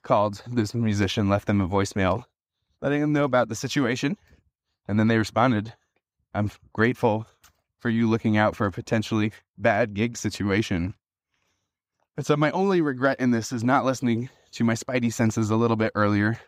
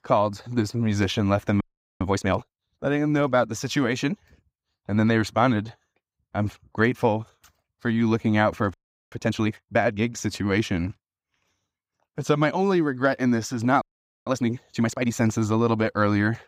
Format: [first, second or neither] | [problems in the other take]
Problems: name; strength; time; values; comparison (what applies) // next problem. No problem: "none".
first | audio freezing; at 1.5 s, at 8.5 s and at 14 s